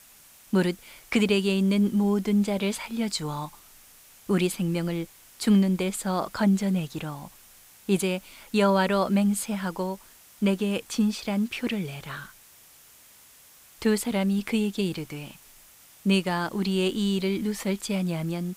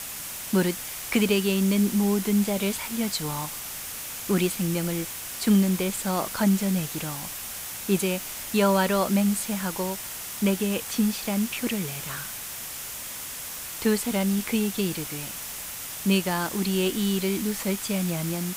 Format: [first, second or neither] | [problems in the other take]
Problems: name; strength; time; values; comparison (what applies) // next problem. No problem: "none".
first | hiss; loud; throughout; 7 dB below the speech; faint in the first